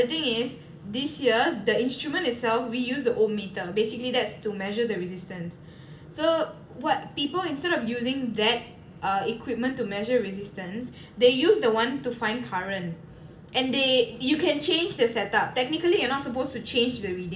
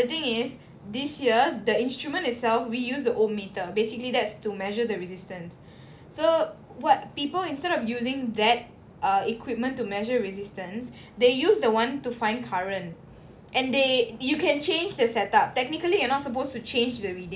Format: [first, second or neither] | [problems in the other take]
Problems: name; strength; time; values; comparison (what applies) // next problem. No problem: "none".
second | room echo; dies away in 0.7 s